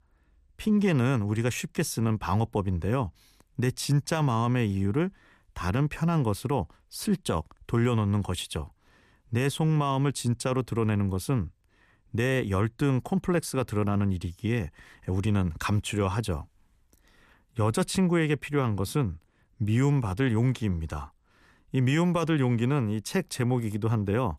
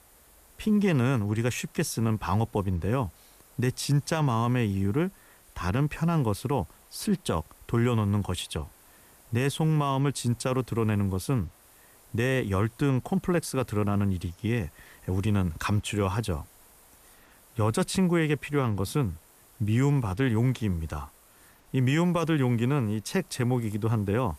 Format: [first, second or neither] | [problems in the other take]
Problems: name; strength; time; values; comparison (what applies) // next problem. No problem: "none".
first | hiss; faint; throughout; 25 dB below the speech